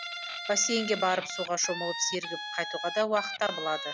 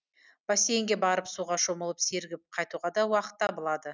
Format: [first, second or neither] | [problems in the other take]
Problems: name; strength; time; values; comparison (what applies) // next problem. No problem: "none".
second | background sound (Guitar); 7 dB below the speech